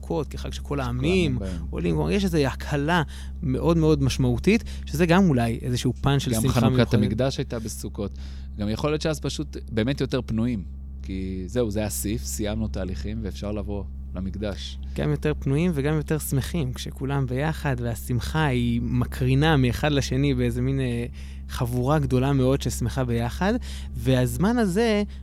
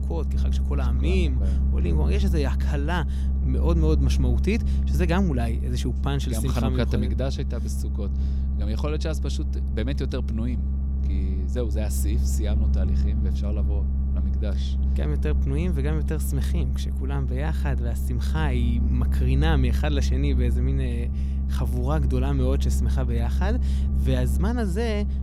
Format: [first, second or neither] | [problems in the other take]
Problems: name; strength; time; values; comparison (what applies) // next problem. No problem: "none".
first | low rumble; loud; throughout; 8 dB below the speech; faint in the first